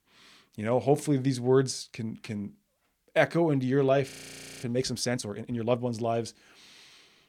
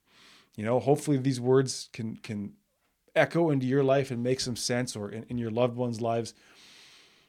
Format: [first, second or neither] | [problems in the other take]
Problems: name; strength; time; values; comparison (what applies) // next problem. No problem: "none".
second | audio freezing; at 4 s for 0.5 s